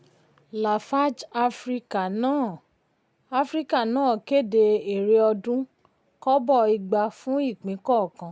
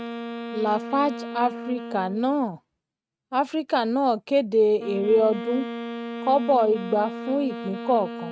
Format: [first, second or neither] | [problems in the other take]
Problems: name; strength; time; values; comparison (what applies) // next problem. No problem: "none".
first | noise reduction (neural mask model RNNoise)